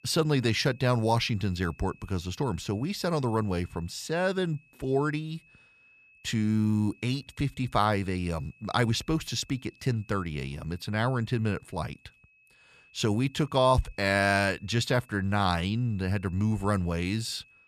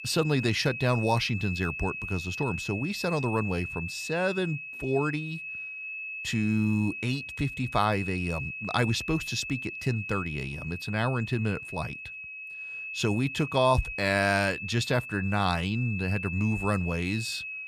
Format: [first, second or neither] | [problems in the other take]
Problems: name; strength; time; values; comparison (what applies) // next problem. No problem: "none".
first | high-pitched whine; loud; throughout; 2.5 kHz, 7 dB below the speech; faint in the first